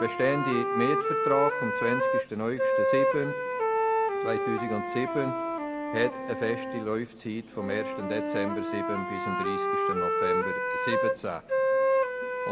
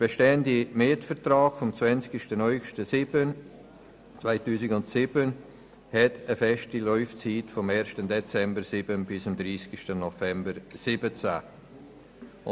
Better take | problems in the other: second | background sound (Wind instrument, woodwind instrument); 3 dB above the speech

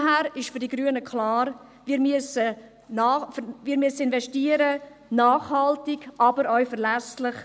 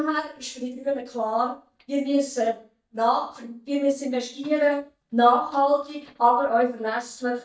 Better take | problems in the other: first | noise reduction (neural mask model DeepFilterNet 3)

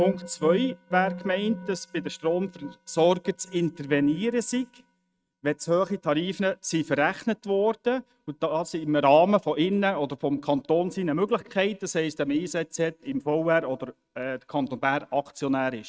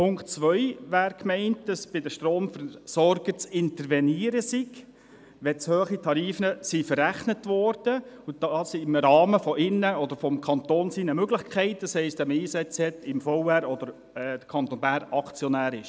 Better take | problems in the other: second | noise reduction (neural mask model RNNoise)

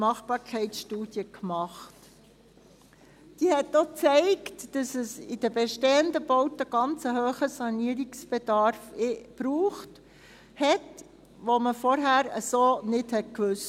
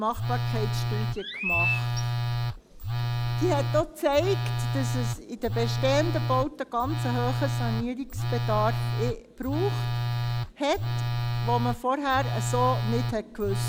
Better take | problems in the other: first | background sound (Chirp, tweet + Telephone); 1 dB above the speech

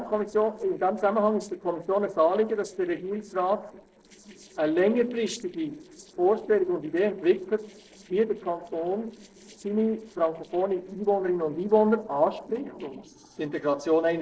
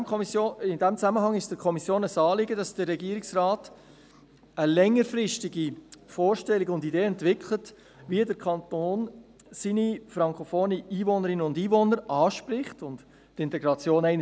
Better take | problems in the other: second | noise reduction (neural separator model SepFormer DNS4)

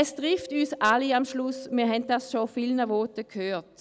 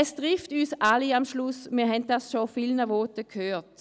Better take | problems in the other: second | background sound (Wind); 17 dB below the speech

